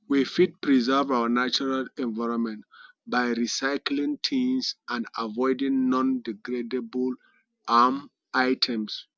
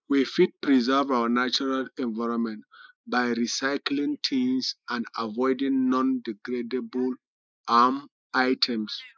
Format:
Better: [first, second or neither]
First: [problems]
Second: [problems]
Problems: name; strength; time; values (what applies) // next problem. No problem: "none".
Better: first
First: none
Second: noise reduction (neural mask model Resemble Enhance denoiser)